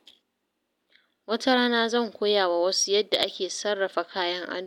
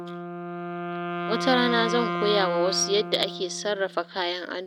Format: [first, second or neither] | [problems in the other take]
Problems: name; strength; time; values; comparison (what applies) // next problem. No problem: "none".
first | background sound (Wind instrument, woodwind instrument); 5 dB below the speech